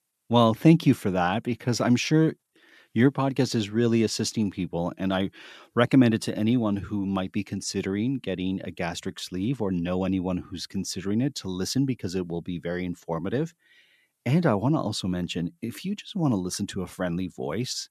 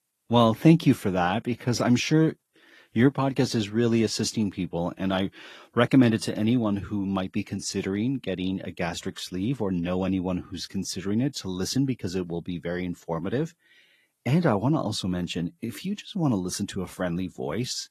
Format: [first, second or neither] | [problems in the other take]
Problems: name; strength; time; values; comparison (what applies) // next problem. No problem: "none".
first | garbled, watery; slightly; nothing above 14 kHz